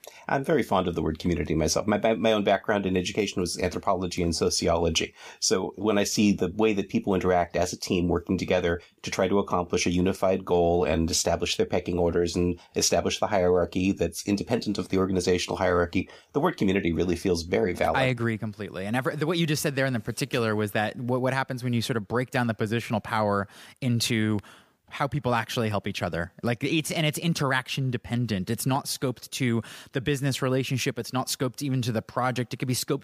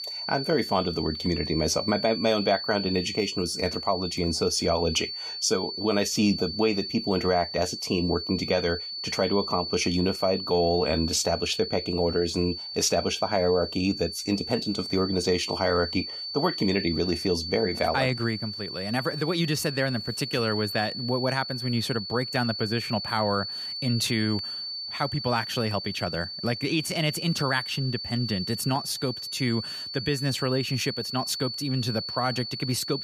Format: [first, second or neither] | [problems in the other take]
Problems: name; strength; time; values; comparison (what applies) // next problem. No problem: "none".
first | high-pitched whine; loud; throughout; 4.5 kHz, 5 dB below the speech